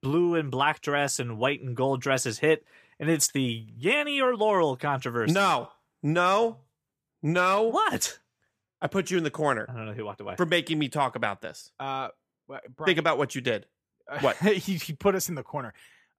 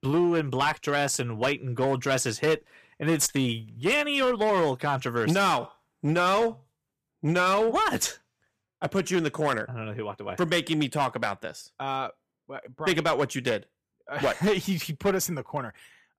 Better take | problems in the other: first | distortion; slight; 7% of the sound clipped

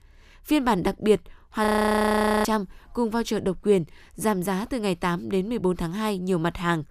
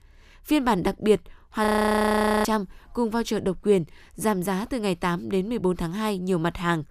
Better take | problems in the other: neither | audio freezing; at 1.5 s for 1 s; the same in both

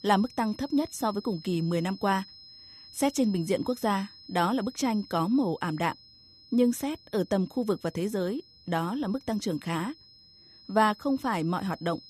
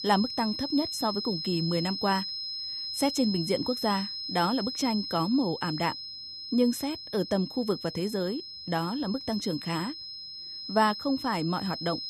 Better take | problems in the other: first | high-pitched whine; loud; throughout; 5 kHz, 5 dB below the speech; faint in the first

